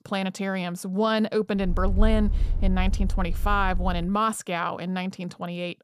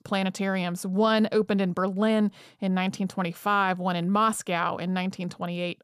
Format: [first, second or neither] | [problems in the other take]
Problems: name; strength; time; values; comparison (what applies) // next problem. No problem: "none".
second | low rumble; faint; from 1.5 to 4 s; 20 dB below the speech